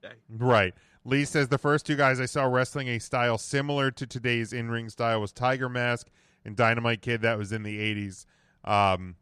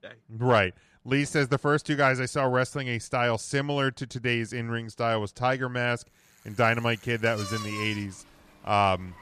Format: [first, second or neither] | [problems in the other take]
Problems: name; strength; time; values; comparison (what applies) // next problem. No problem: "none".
first | traffic noise; noticeable; from 6.5 s on; 15 dB below the speech